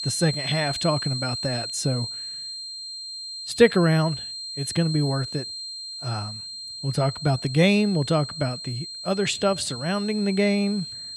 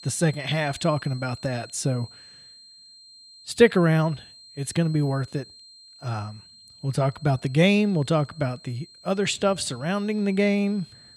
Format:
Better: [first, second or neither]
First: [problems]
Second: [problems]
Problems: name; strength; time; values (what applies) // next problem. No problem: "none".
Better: second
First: high-pitched whine; loud; throughout; 4 kHz, 7 dB below the speech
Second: high-pitched whine; faint; throughout; 4 kHz, 20 dB below the speech